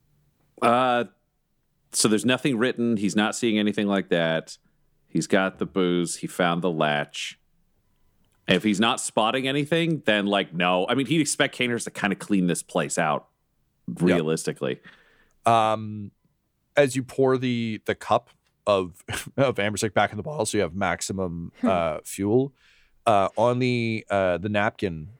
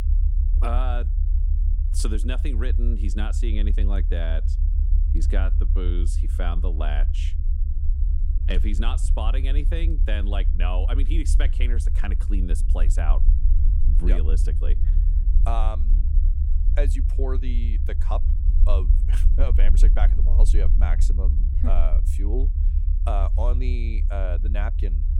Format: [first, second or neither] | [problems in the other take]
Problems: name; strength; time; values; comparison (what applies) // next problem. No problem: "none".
first | low rumble; loud; throughout; 9 dB below the speech